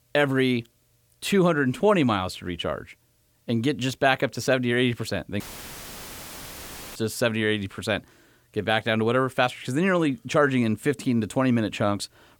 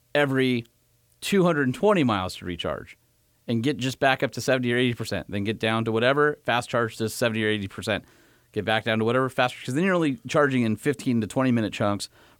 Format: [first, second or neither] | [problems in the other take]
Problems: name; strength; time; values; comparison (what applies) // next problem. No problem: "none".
second | audio cutting out; filled with static; at 5.5 s for 1.5 s